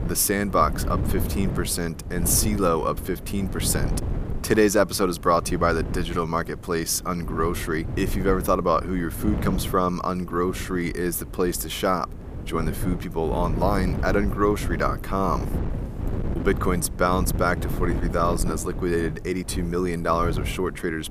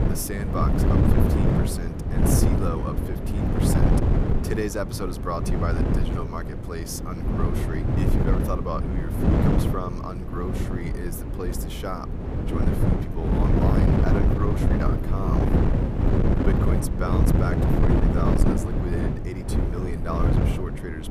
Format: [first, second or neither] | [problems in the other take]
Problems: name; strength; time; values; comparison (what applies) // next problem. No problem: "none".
first | wind noise on the microphone; heavy; 3 dB above the speech; occasional gusts in the first